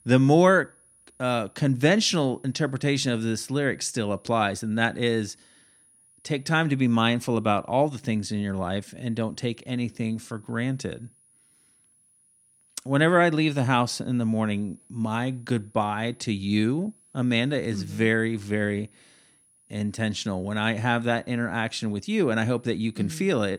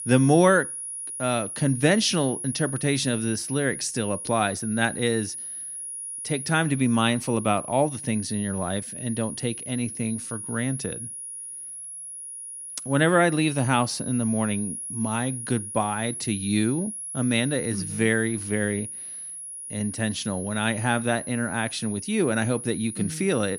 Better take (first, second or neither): first